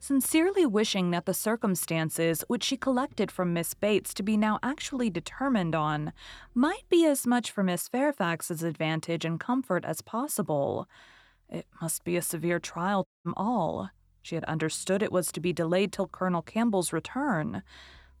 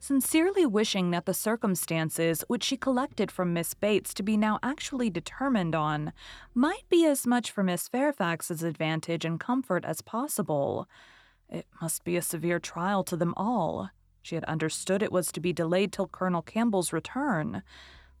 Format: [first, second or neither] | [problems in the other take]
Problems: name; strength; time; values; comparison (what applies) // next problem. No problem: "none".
second | audio cutting out; at 13 s